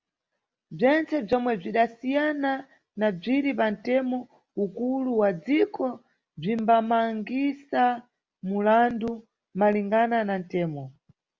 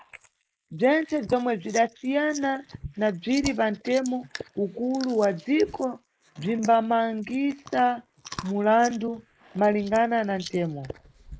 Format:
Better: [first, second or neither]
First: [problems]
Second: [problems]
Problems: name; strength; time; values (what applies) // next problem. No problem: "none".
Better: first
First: none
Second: noise reduction (neural mask model Resemble Enhance denoiser)